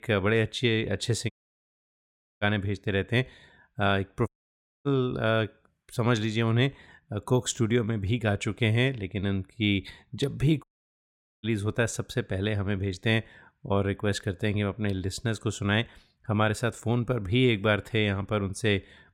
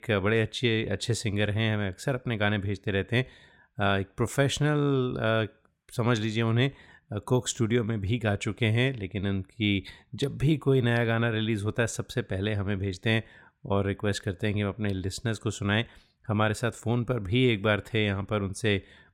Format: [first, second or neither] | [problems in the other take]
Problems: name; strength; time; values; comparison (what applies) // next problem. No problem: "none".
second | audio cutting out; at 1.5 s for 1 s, at 4.5 s for 0.5 s and at 11 s for 1 s